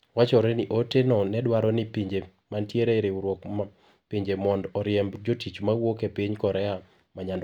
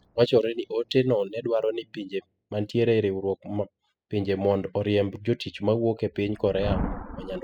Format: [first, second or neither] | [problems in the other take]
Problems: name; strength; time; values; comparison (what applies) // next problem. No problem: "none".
first | noise reduction (classical method spectral subtraction)